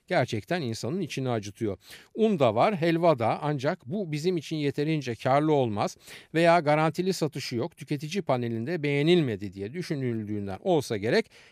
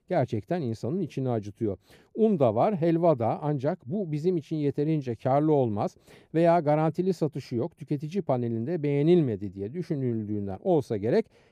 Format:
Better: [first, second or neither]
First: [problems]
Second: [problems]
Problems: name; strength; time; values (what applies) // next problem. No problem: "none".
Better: first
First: none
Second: muffled; slightly; fading above 1 kHz